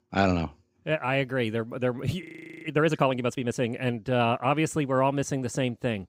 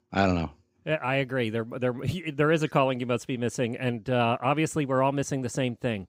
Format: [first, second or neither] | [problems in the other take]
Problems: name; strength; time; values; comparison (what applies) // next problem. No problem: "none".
second | audio freezing; at 2 s